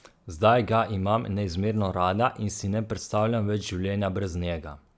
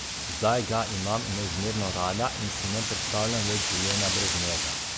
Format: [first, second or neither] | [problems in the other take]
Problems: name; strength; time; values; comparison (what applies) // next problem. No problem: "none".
first | background sound (Wind); as loud as the speech